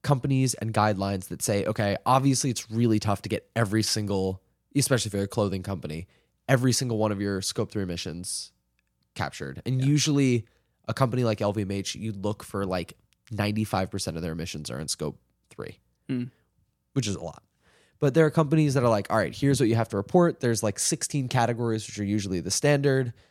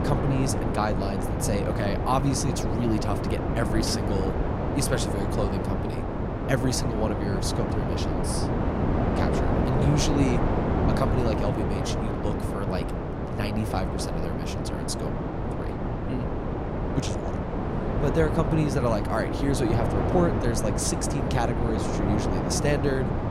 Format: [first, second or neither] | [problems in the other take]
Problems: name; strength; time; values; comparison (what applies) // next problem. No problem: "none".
first | wind noise on the microphone; heavy; as loud as the speech